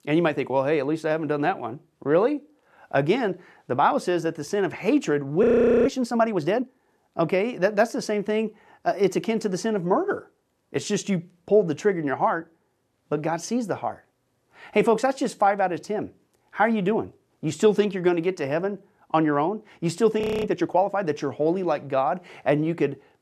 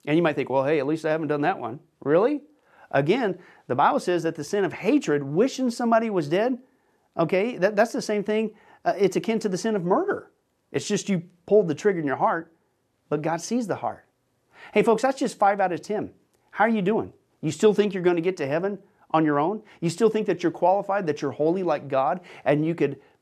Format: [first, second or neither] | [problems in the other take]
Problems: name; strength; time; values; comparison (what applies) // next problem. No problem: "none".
second | audio freezing; at 5.5 s and at 20 s